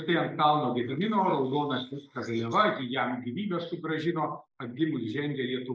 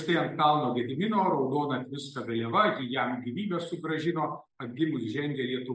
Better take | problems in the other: second | noise reduction (neural mask model Resemble Enhance denoiser)

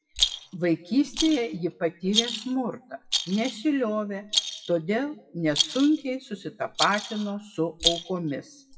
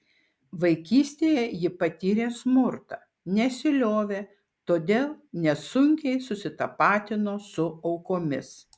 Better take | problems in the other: second | noise reduction (classical method WPE with log-MMSE)

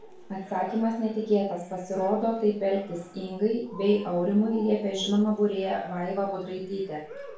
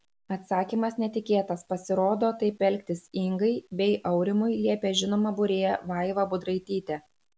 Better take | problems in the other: second | background sound (Cheering); 18 dB below the speech // room echo; dies away in 0.4 s

